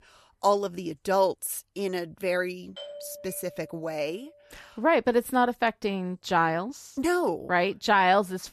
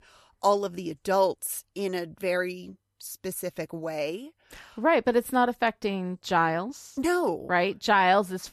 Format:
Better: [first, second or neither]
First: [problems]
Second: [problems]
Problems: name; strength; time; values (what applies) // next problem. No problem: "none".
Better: second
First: doorbell; faint; from 3 to 4.5 s; peak 15 dB below the speech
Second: none